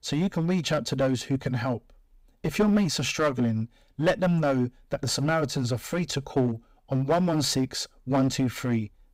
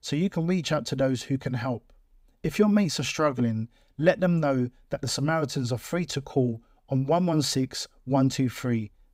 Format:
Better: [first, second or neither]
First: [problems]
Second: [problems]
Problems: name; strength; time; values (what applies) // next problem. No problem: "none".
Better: second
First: distortion; slight; 7% of the sound clipped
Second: none